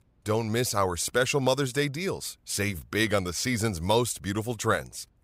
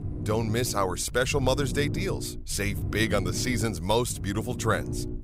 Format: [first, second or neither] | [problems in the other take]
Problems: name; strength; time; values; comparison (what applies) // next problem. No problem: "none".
first | low rumble; noticeable; throughout; 15 dB below the speech